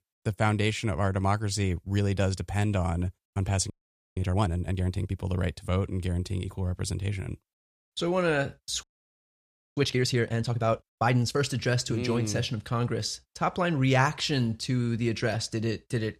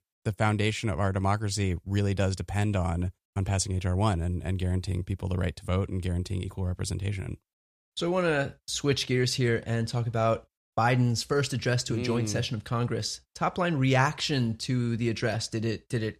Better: second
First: audio freezing; at 3.5 s and at 9 s for 1 s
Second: none

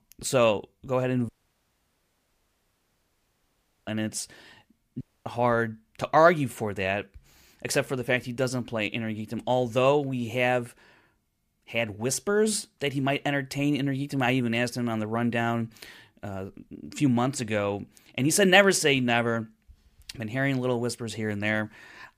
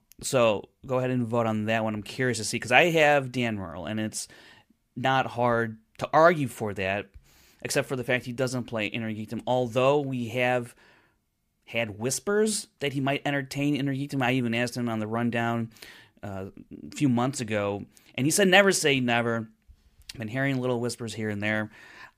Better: second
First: audio cutting out; at 1.5 s for 2.5 s and at 5 s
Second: none

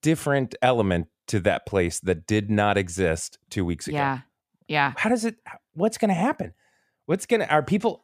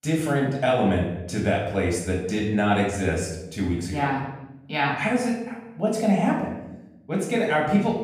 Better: first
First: none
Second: room echo; noticeable; dies away in 0.8 s // off-mic speech; far

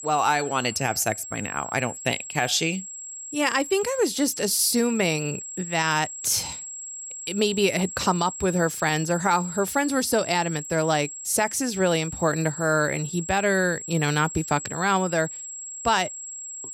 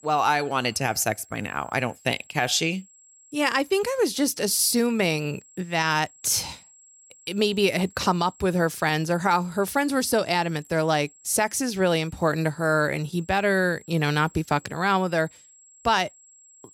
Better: second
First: high-pitched whine; loud; throughout; 7.5 kHz, 10 dB below the speech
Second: high-pitched whine; faint; throughout; 7.5 kHz, 25 dB below the speech

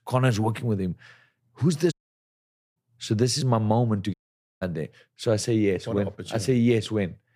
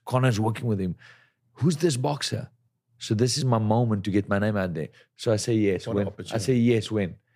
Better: second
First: audio cutting out; at 2 s for 1 s and at 4 s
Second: none

